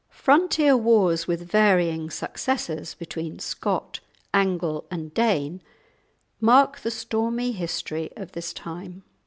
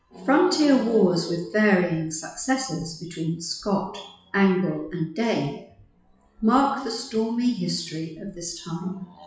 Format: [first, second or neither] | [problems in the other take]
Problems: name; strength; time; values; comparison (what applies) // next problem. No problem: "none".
first | noise reduction (classical method WPE with log-MMSE)